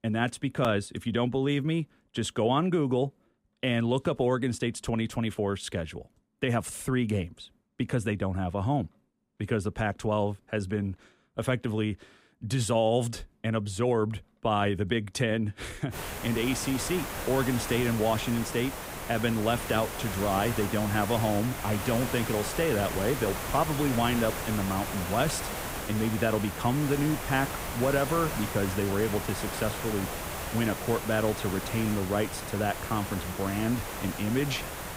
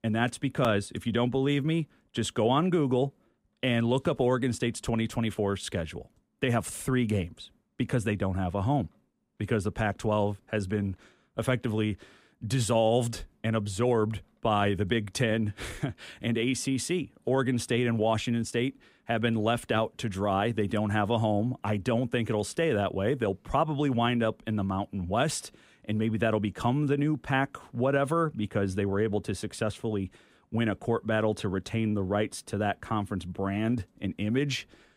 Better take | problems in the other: second | hiss; loud; from 16 s on; 6 dB below the speech

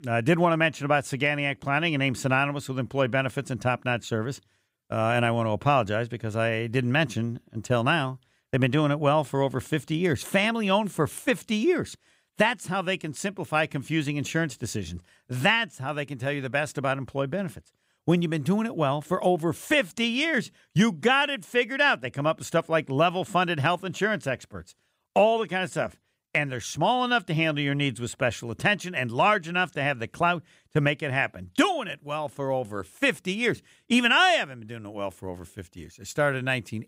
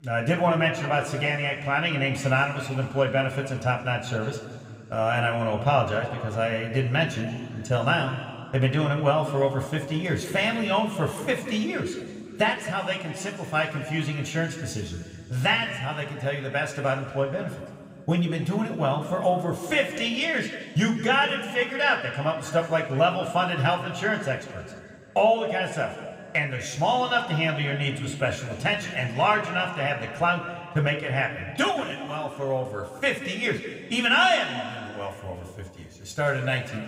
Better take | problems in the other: first | room echo; slight; dies away in 2.1 s // off-mic speech; somewhat distant

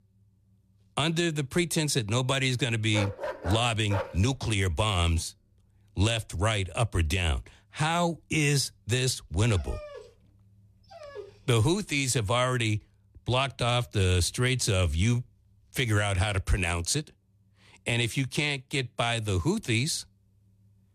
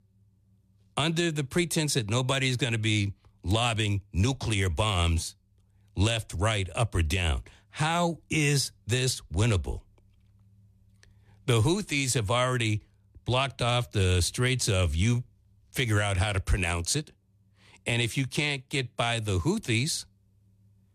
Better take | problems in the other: second | dog barking; noticeable; from 3 to 4 s; peak 7 dB below the speech // dog barking; faint; from 9.5 to 11 s; peak 15 dB below the speech

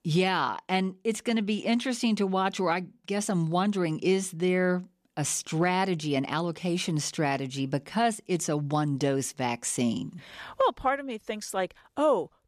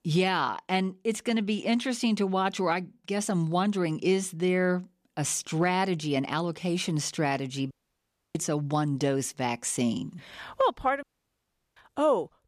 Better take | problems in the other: first | audio cutting out; at 7.5 s for 0.5 s and at 11 s for 0.5 s

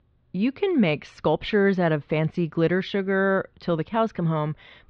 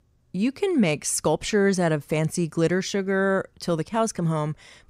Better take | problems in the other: second | muffled; very; fading above 4 kHz

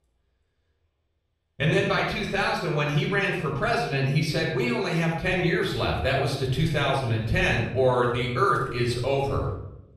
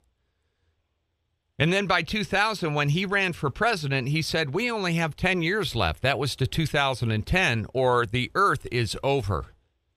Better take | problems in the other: second | off-mic speech; far // room echo; noticeable; dies away in 0.7 s

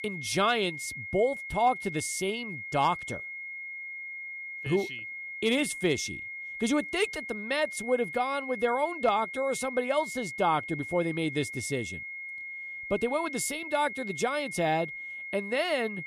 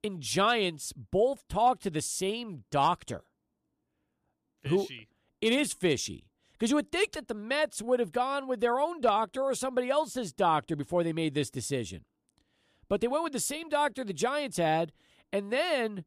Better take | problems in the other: second | high-pitched whine; loud; throughout; 2 kHz, 7 dB below the speech

